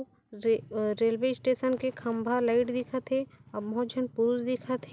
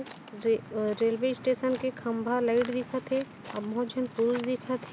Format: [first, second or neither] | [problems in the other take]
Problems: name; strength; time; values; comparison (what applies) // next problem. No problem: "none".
first | background sound (Waves, surf); 16 dB below the speech